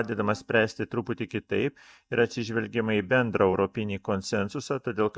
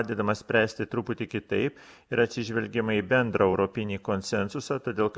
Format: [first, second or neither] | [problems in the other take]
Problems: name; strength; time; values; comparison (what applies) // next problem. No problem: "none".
second | noise reduction (neural mask model DeepFilterNet 3)